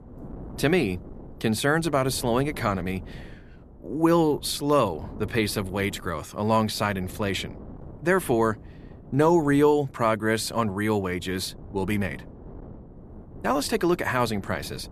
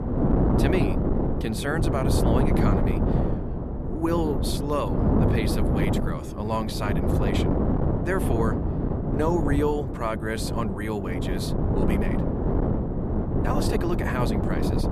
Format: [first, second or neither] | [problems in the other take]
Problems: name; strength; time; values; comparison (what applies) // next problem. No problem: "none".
first | wind noise on the microphone; heavy; as loud as the speech; occasional gusts in the first